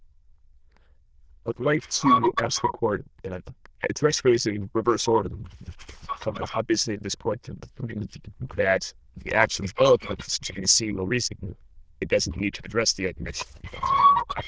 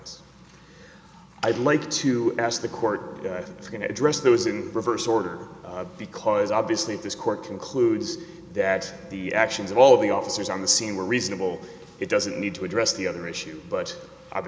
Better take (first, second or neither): second